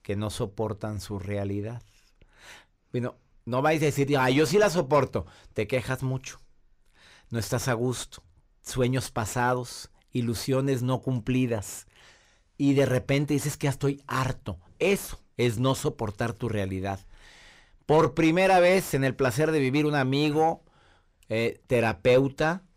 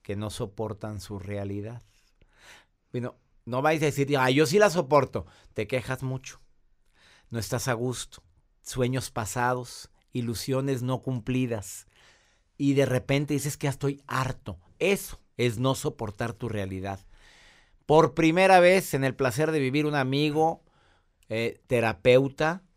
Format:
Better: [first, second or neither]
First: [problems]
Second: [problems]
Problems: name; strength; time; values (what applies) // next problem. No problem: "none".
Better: second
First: distortion; slight; 10 dB below the speech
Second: none